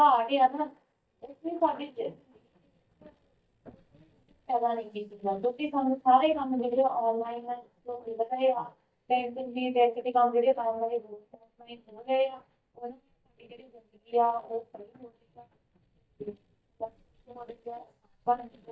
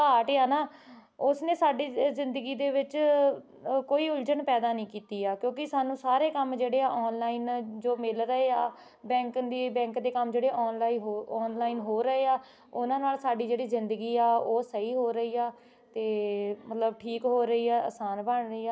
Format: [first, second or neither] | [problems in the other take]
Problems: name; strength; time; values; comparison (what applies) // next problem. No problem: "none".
second | noise reduction (neural mask model DeepFilterNet 3)